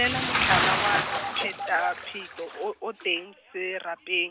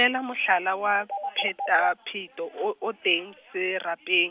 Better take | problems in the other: second | background sound (Bathtub (filling or washing) / Splash, splatter); 1 dB below the speech

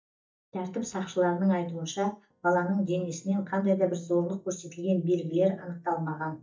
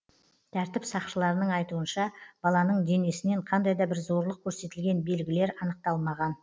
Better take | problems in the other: second | noise reduction (neural mask model DeepFilterNet 3)

